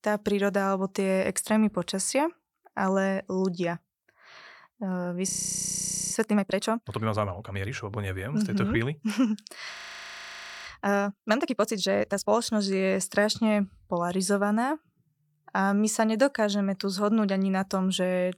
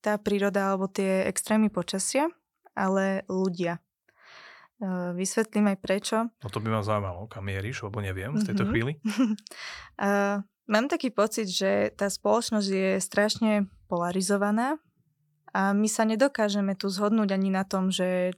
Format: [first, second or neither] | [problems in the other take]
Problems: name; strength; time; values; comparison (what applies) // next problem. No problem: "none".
second | audio freezing; at 5.5 s for 1 s and at 9.5 s for 1 s